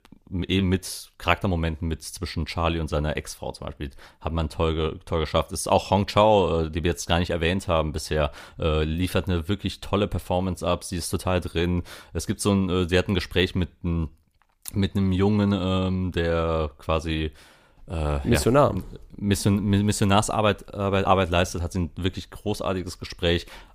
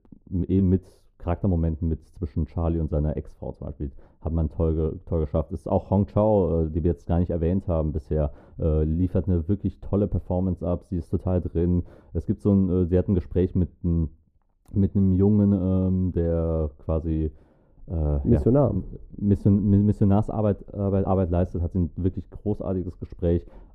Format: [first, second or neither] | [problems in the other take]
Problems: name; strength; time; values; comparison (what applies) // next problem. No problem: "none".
first | muffled; very; fading above 1 kHz